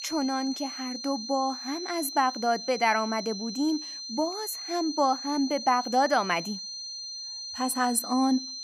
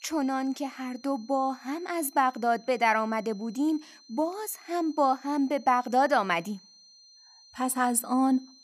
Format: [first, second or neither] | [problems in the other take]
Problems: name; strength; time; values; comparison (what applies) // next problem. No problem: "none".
second | high-pitched whine; loud; throughout; 4 kHz, 8 dB below the speech; faint in the second